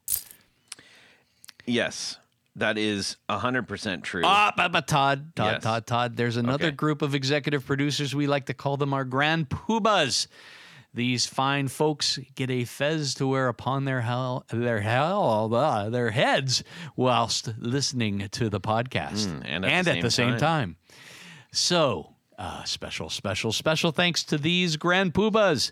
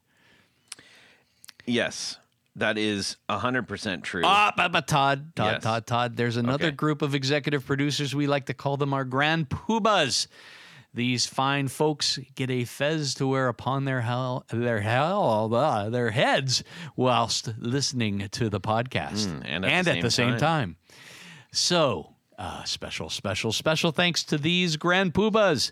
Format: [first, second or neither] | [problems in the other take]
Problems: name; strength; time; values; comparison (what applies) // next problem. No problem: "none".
second | jangling keys; noticeable; at the start; peak 3 dB below the speech